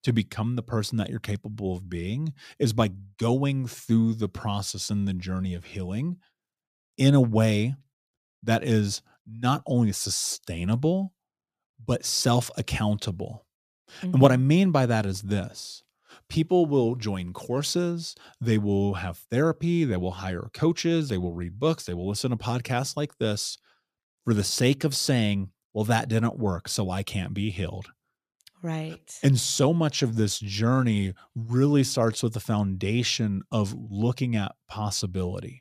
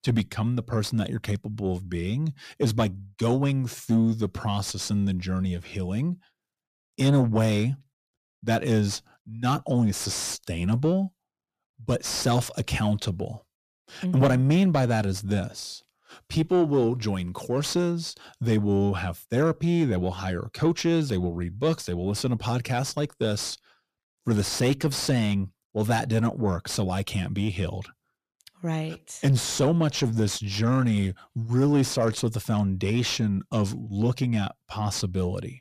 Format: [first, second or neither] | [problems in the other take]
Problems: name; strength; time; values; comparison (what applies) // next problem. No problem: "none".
first | distortion; slight; 10 dB below the speech